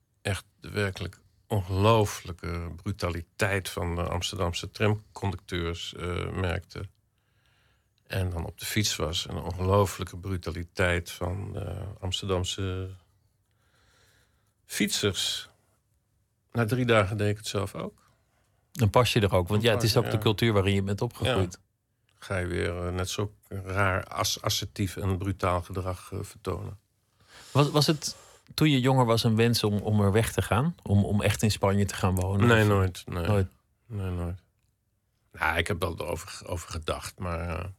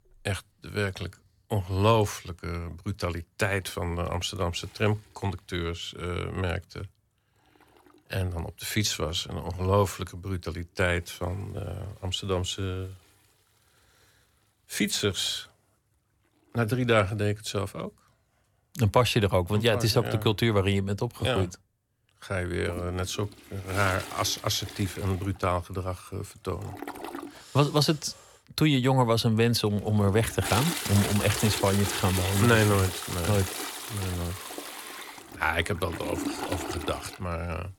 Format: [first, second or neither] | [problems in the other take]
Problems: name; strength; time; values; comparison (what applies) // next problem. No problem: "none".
first | household noises; loud; throughout; 7 dB below the speech